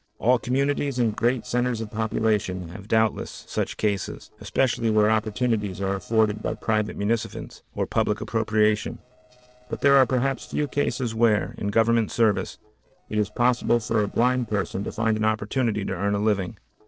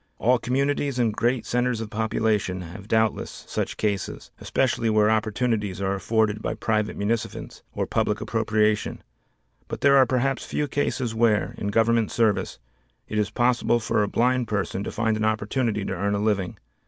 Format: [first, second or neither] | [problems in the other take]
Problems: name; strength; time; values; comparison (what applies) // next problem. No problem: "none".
second | noise reduction (neural separator model SepFormer DNS4)